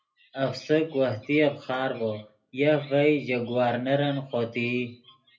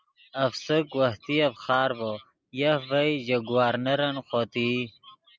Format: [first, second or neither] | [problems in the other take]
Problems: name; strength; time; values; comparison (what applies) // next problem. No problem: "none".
second | room echo; dies away in 0.3 s